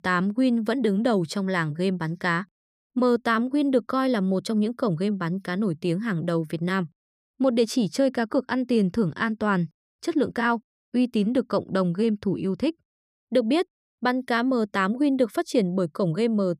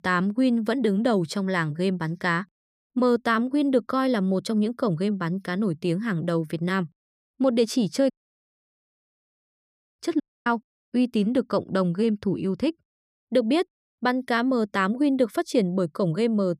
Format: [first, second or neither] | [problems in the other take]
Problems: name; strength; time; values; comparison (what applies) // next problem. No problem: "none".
first | audio cutting out; at 8 s for 1.5 s and at 10 s